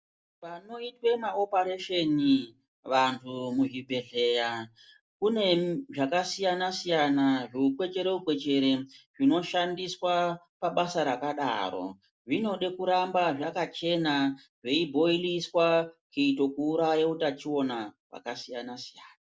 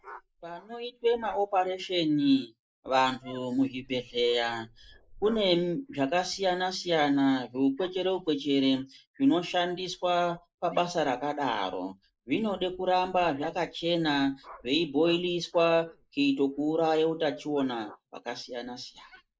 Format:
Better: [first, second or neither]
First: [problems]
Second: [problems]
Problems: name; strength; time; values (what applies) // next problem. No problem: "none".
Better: first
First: none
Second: noise reduction (neural mask model Resemble Enhance denoiser)